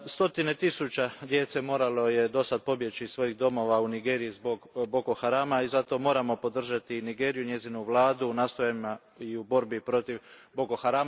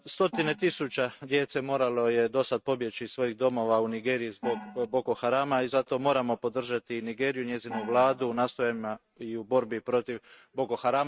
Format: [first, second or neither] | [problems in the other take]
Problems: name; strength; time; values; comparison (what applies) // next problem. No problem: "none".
first | noise reduction (neural mask model RNNoise)